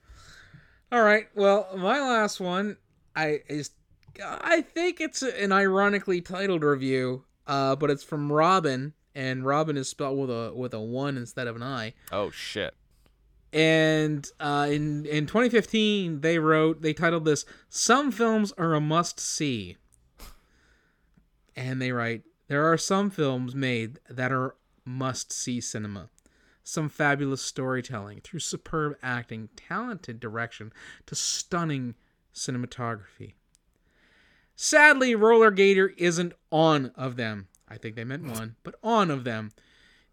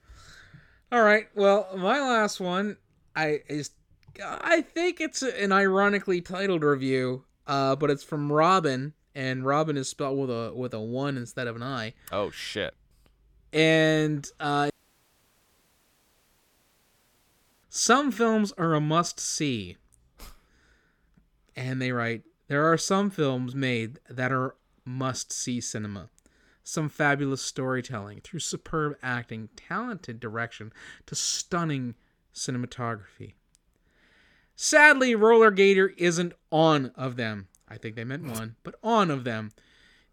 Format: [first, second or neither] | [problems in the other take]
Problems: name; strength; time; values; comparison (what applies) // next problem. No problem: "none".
first | audio cutting out; at 15 s for 3 s